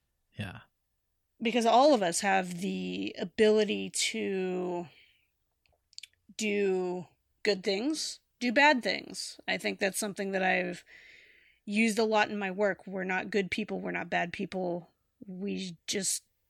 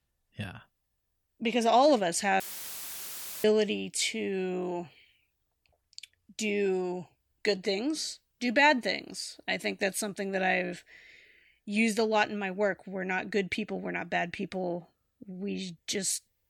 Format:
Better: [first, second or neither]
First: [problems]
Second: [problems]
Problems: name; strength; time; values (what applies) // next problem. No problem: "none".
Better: first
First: none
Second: audio cutting out; filled with static; at 2.5 s for 1 s